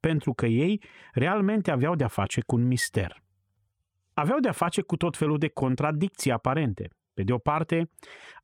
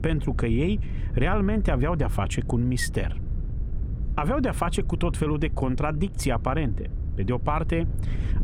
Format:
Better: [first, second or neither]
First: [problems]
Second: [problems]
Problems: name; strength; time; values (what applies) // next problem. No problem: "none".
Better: first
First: none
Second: wind noise on the microphone; occasional gusts; 15 dB below the speech